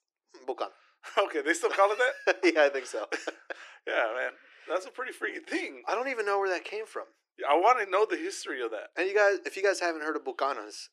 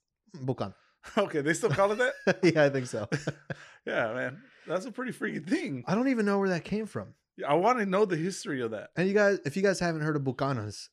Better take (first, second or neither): second